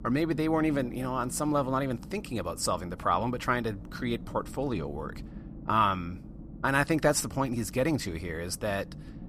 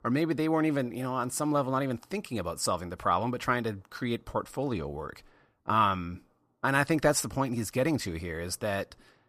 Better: second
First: low rumble; faint; throughout; 20 dB below the speech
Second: none

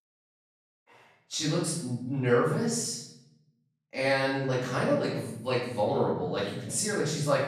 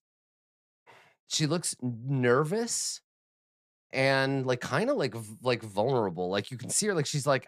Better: second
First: off-mic speech; far // room echo; noticeable; dies away in 0.7 s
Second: none

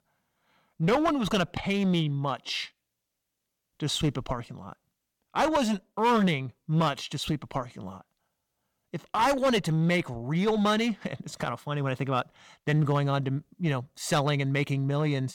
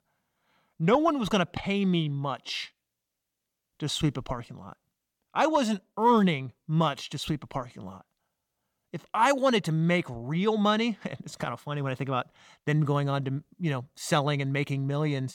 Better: second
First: distortion; slight; 6% of the sound clipped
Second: none

